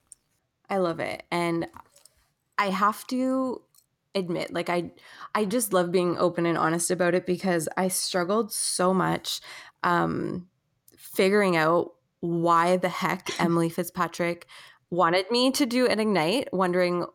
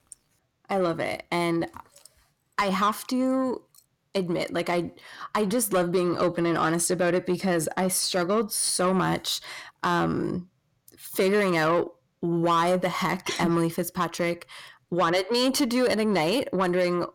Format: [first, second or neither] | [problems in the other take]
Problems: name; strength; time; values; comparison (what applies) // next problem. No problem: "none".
first | distortion; slight; 10 dB below the speech